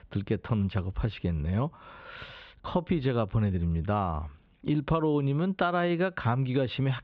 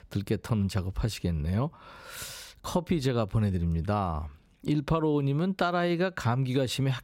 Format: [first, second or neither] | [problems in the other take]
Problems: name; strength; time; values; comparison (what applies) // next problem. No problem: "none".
second | muffled; very; fading above 3.5 kHz